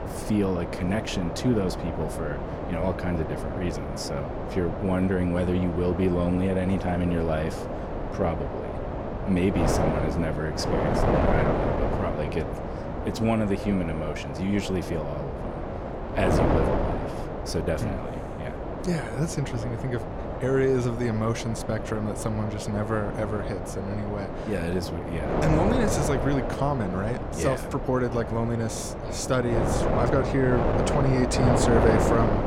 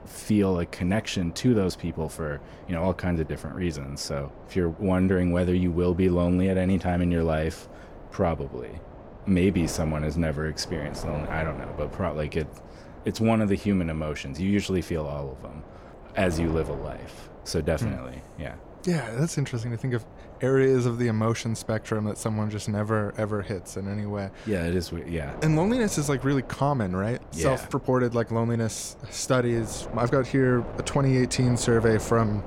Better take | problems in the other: second | wind noise on the microphone; heavy; as loud as the speech; occasional gusts in the second

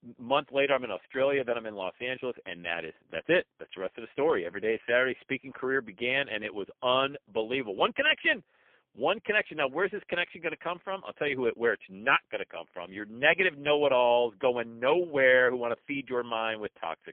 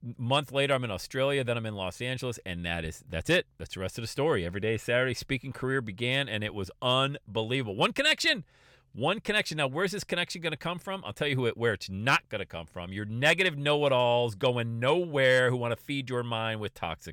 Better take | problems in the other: second | phone-call audio; poor line; nothing above 3.5 kHz

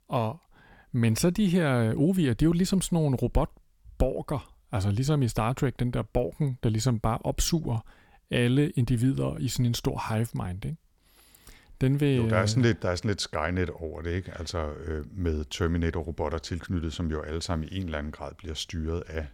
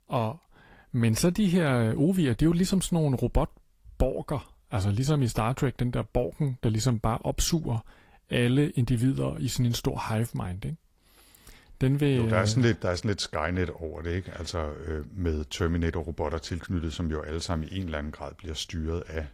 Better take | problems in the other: first | garbled, watery; slightly; nothing above 15 kHz

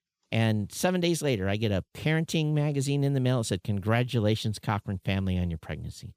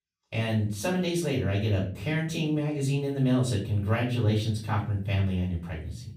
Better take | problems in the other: first | off-mic speech; far // room echo; slight; dies away in 0.4 s

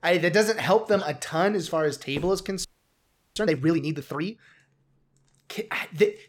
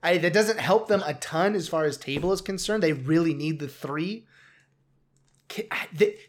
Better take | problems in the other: second | audio freezing; at 2.5 s for 0.5 s

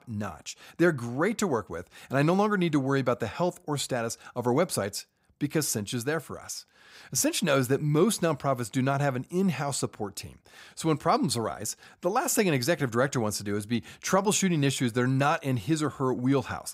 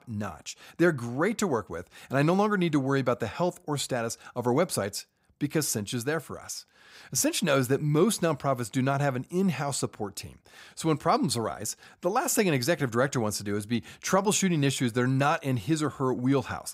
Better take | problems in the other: neither | none

